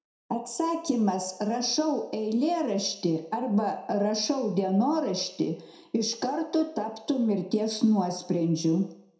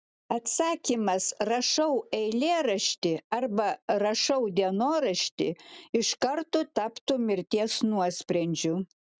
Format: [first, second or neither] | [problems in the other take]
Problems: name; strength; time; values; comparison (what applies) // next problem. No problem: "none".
second | room echo; dies away in 0.6 s